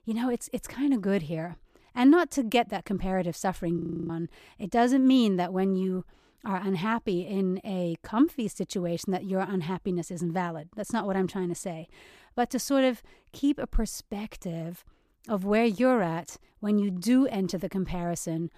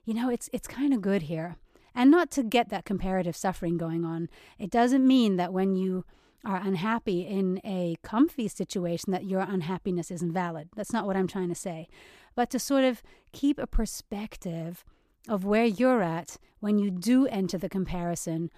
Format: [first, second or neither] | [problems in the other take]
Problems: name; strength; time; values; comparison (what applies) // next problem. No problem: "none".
second | audio freezing; at 4 s